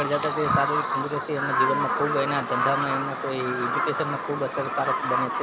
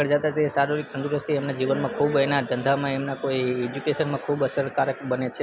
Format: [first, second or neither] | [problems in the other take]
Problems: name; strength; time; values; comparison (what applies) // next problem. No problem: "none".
second | background sound (Bird vocalization, bird call, bird song); 2 dB above the speech